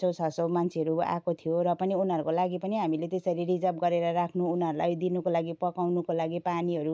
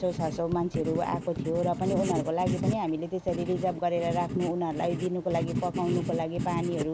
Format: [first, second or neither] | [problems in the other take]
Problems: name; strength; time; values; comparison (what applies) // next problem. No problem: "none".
first | background sound (Writing); 4 dB below the speech